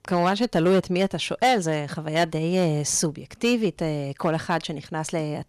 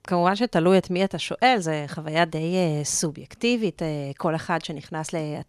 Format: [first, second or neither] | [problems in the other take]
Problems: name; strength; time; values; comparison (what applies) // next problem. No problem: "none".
second | distortion; slight; 4% of the sound clipped